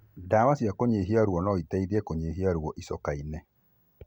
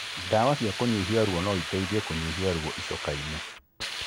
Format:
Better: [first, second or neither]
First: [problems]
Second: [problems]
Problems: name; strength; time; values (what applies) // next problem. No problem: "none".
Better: first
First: none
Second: background sound (Hiss); 6 dB below the speech